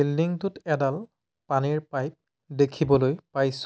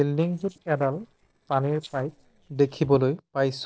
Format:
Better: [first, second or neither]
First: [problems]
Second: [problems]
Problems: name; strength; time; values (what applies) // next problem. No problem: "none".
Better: first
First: none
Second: noise reduction (neural separator model SepFormer DNS4)